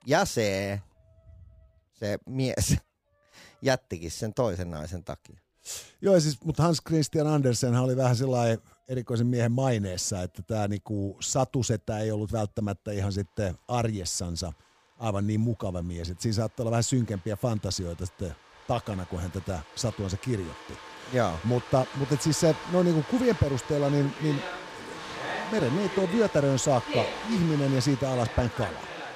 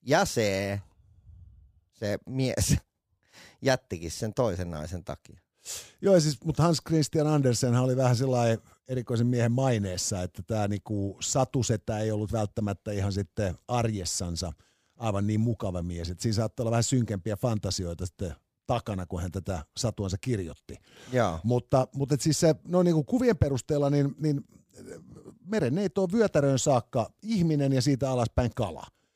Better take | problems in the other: second | household noises; loud; throughout; 10 dB below the speech

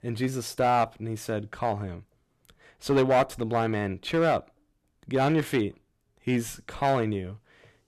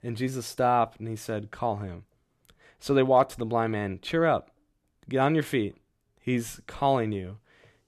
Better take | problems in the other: second | distortion; slight; 3% of the sound clipped

